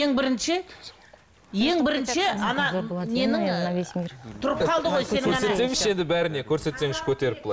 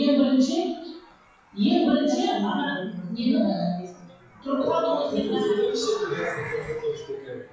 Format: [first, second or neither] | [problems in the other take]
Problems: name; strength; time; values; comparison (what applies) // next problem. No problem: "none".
first | noise reduction (classical method WPE with log-MMSE)